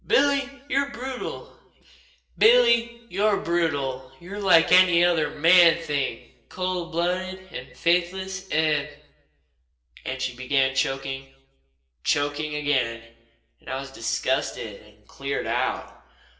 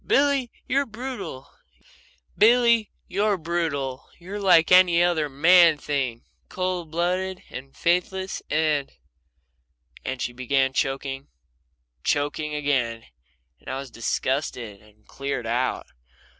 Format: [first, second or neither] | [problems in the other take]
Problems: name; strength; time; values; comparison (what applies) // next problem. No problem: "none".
second | room echo; dies away in 0.7 s